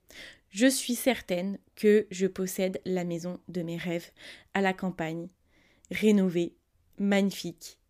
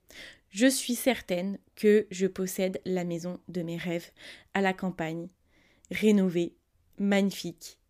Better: neither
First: none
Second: none

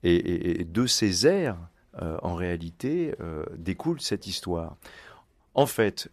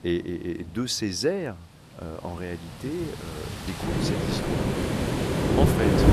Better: first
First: none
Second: rain or running water; very loud; throughout; 5 dB above the speech

